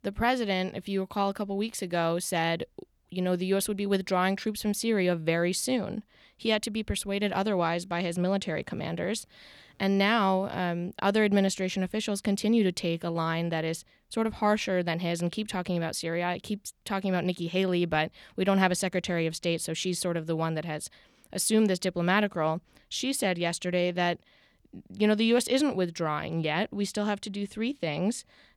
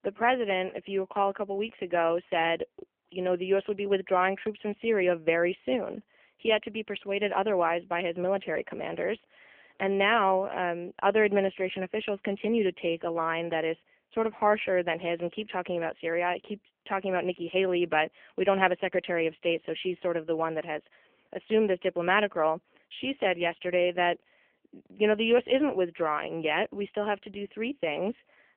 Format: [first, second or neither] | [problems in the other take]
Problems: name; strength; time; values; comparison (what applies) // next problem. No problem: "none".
first | phone-call audio; poor line; nothing above 3 kHz